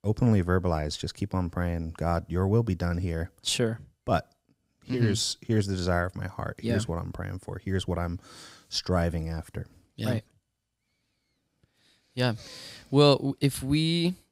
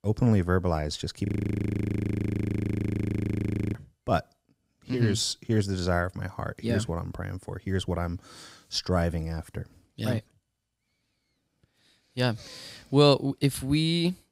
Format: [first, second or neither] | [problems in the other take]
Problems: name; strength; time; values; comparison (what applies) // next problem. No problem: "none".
first | audio freezing; at 1.5 s for 2.5 s